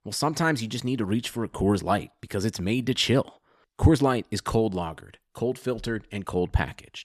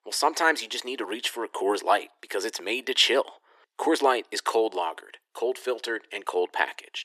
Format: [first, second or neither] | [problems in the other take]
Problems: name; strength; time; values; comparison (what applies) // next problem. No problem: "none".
first | thin; very; fading below 350 Hz